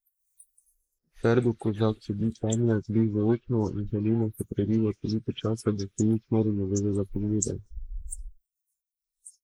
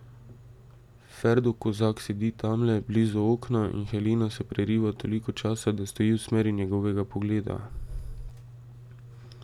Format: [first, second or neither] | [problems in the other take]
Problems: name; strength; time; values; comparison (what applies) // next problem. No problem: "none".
second | noise reduction (neural mask model Resemble Enhance denoiser)